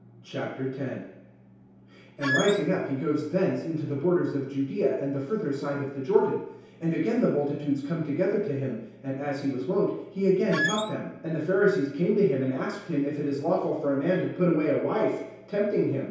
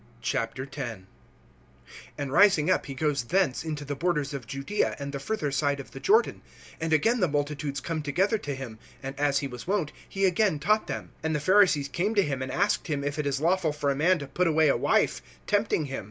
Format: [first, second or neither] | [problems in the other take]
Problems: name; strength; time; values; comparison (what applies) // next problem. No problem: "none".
second | background sound (Squeak); 3 dB below the speech // room echo; dies away in 0.8 s